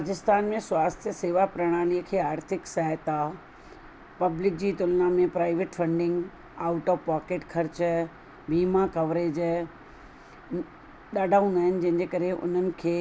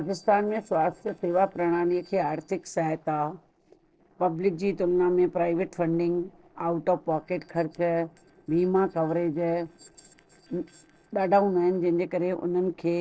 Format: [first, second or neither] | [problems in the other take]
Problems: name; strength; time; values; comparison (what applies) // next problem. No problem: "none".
first | noise reduction (neural separator model SepFormer DNS4)